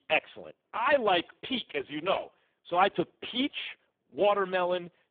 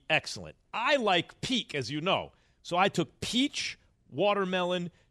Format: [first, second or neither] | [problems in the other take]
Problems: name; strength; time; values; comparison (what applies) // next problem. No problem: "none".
second | phone-call audio; poor line